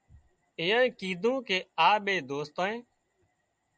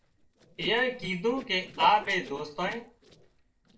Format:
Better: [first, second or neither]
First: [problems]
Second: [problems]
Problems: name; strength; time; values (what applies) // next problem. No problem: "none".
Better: first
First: none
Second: noise reduction (neural separator model SepFormer DNS4)